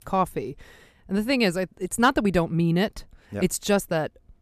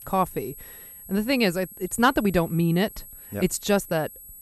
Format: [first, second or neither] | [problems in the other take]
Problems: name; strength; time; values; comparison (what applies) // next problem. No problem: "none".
first | high-pitched whine; noticeable; throughout; 11.5 kHz, 15 dB below the speech